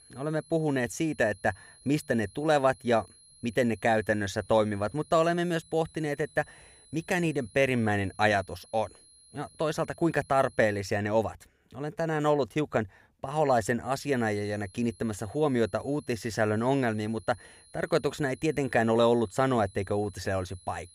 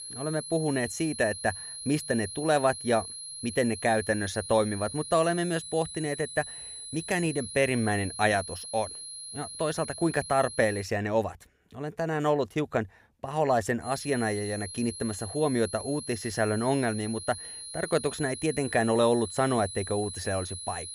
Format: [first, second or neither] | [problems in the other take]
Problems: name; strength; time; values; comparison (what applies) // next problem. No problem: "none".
first | high-pitched whine; loud; until 11 s and from 14 s on; 10.5 kHz, 9 dB below the speech; faint in the first